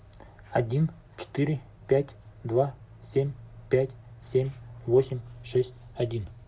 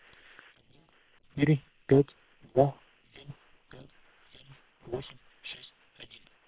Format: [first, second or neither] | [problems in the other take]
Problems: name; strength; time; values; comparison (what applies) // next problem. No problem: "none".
first | noise reduction (neural separator model SepFormer WHAM!)